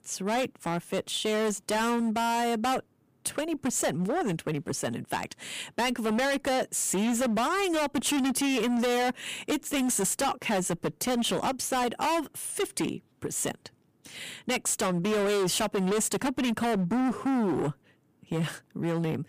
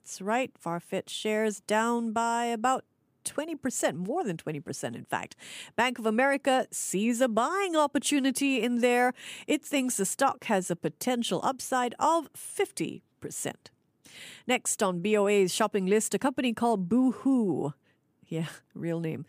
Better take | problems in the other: second | distortion; heavy; 24% of the sound clipped

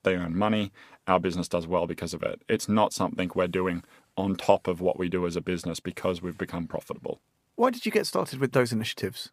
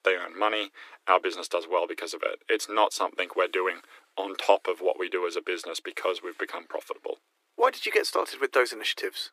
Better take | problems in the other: first | thin; very; fading below 300 Hz

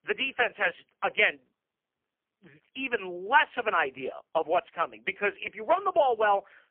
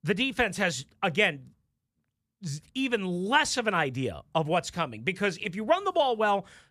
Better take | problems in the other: second | phone-call audio; poor line; nothing above 3 kHz

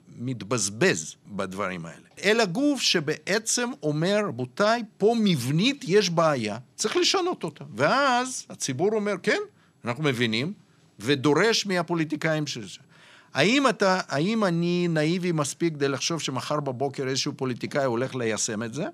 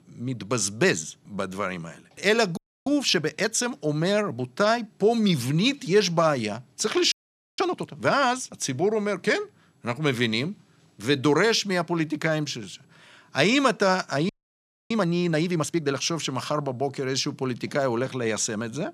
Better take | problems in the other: first | audio freezing; at 2.5 s, at 7 s and at 14 s for 0.5 s

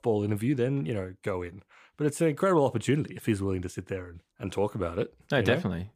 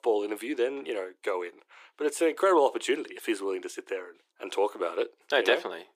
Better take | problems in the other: first | thin; very; fading below 350 Hz

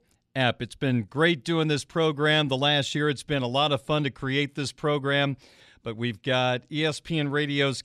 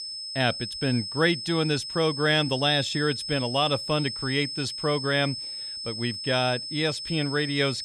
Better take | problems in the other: first | high-pitched whine; loud; throughout; 5 kHz, 6 dB below the speech

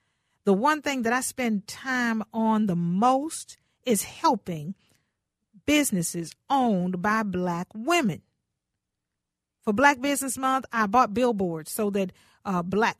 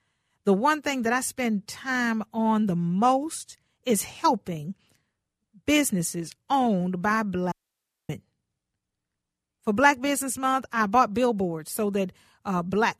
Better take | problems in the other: first | audio cutting out; at 7.5 s for 0.5 s

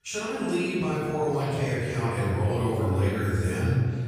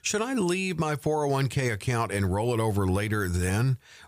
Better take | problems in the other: second | room echo; strong; dies away in 2.1 s // off-mic speech; far

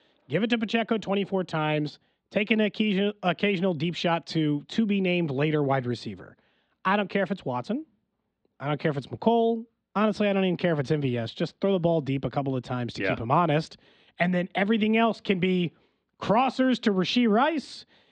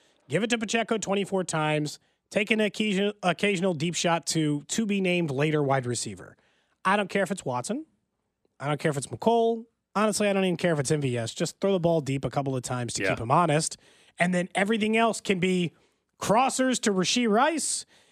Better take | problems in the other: second | muffled; slightly; fading above 4 kHz

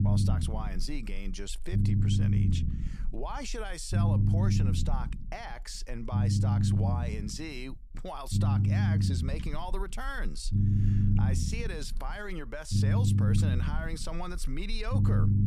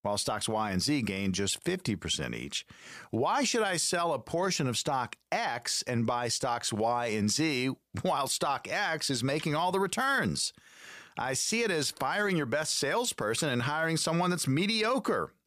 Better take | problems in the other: second | low rumble; loud; throughout; as loud as the speech

